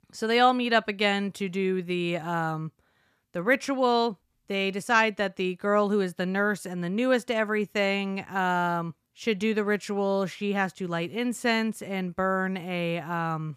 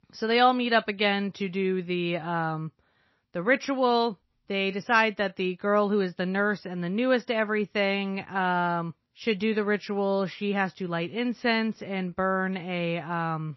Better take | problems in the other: first | garbled, watery; slightly; nothing above 5.5 kHz

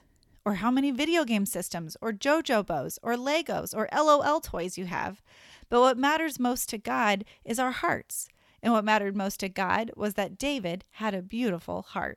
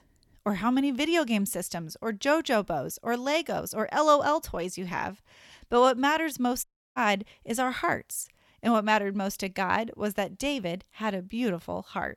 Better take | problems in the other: first | audio cutting out; at 6.5 s

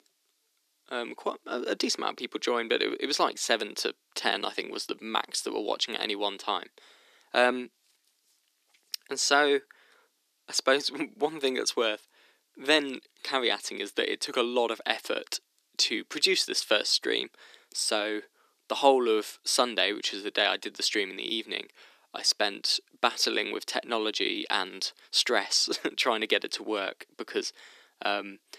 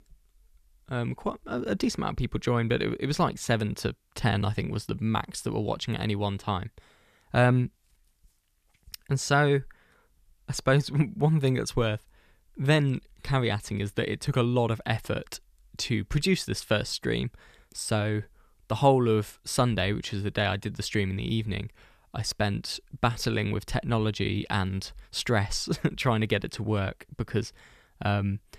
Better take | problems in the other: second | thin; somewhat; fading below 300 Hz

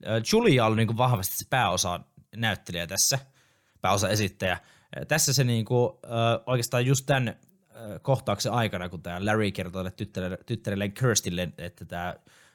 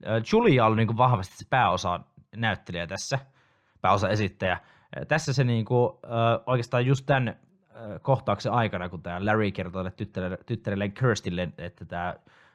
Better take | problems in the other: first | muffled; slightly; fading above 3 kHz

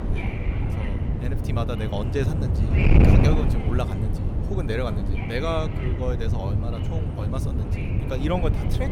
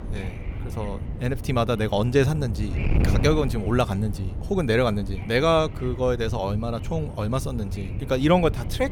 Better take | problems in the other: second | wind noise on the microphone; heavy; 2 dB below the speech; occasional gusts in the second

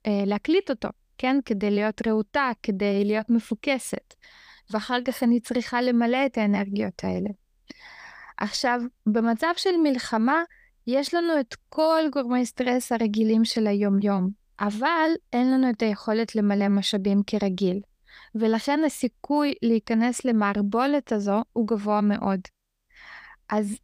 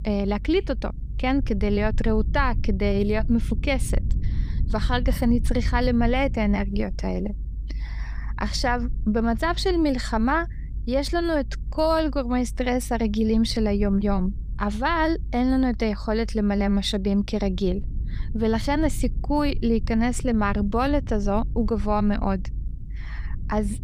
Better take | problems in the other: first | low rumble; faint; throughout; 20 dB below the speech

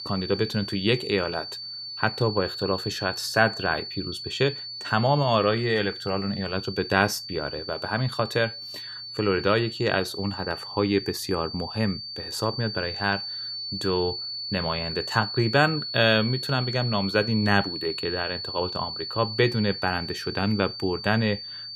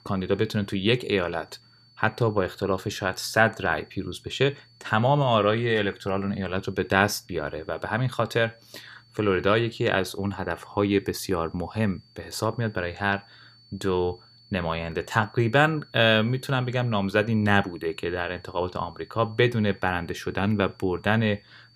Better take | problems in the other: second | high-pitched whine; loud; throughout; 4.5 kHz, 7 dB below the speech; faint in the second

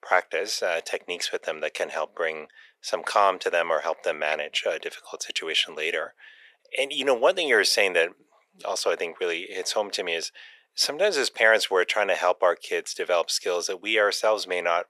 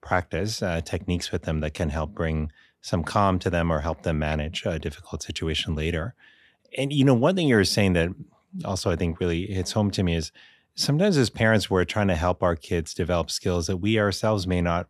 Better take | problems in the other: second | thin; very; fading below 450 Hz

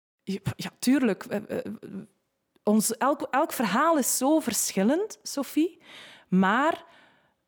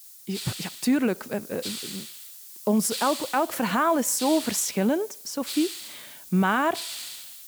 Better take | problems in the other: first | hiss; loud; throughout; 10 dB below the speech

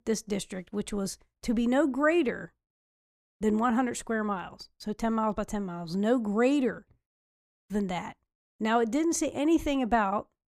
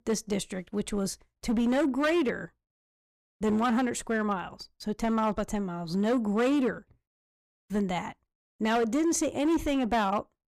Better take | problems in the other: first | distortion; slight; 8% of the sound clipped

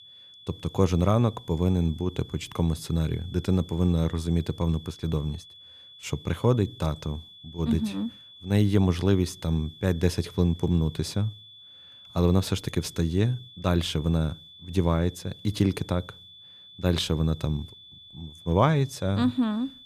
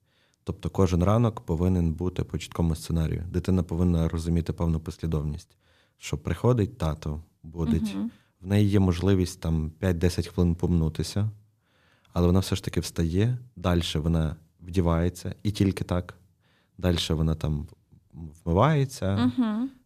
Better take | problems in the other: second | high-pitched whine; noticeable; throughout; 3.5 kHz, 20 dB below the speech

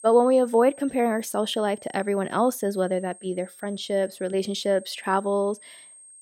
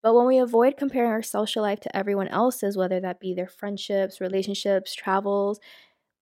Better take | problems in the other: second | high-pitched whine; faint; throughout; 8.5 kHz, 20 dB below the speech

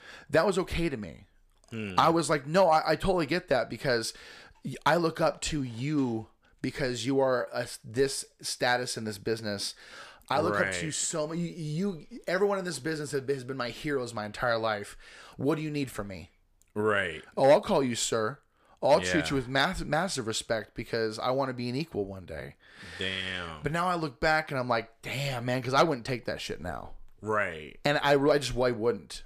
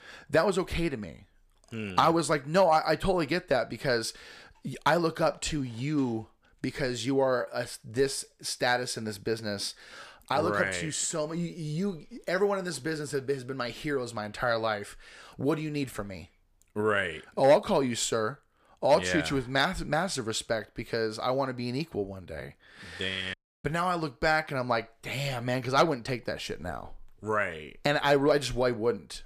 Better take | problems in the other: first | audio cutting out; at 23 s

